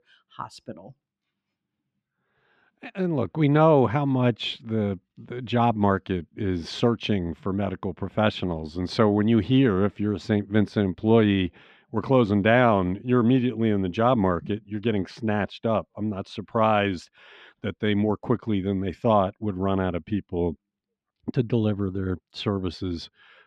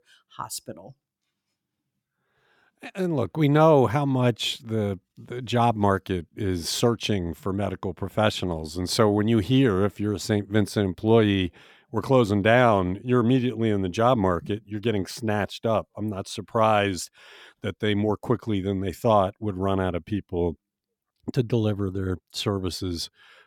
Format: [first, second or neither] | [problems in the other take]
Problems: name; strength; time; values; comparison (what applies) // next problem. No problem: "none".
second | muffled; very slightly; fading above 3 kHz